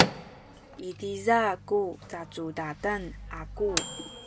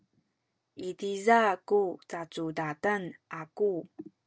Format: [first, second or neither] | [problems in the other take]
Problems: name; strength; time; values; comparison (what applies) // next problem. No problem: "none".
second | background sound (Microwave oven / Bell); 3 dB below the speech